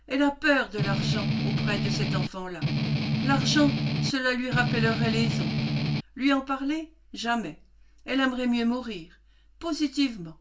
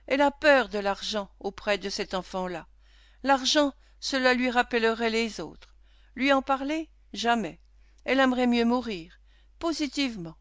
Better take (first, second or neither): second